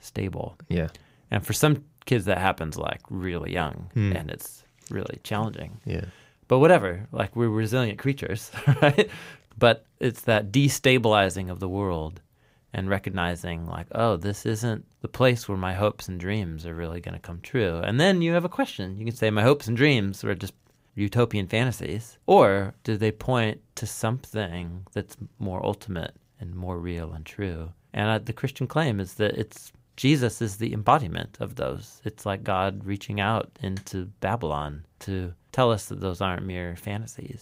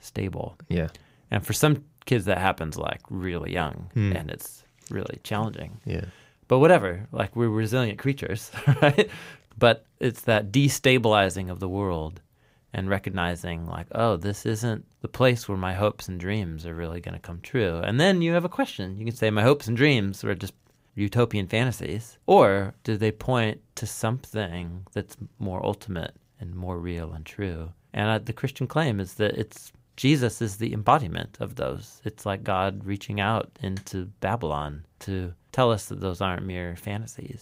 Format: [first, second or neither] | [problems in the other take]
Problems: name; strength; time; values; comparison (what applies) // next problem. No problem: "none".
neither | none